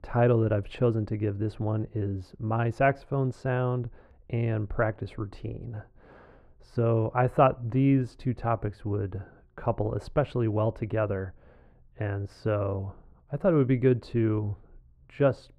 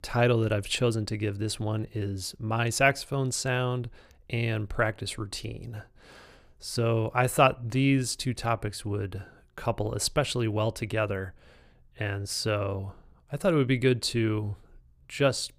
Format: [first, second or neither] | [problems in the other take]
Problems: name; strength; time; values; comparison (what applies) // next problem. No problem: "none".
second | muffled; very; fading above 3 kHz